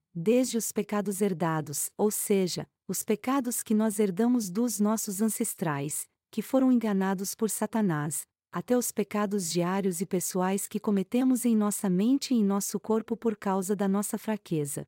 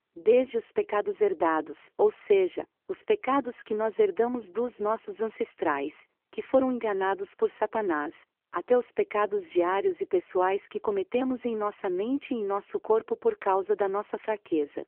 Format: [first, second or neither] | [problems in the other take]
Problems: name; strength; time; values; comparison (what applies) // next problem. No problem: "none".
first | phone-call audio; nothing above 3 kHz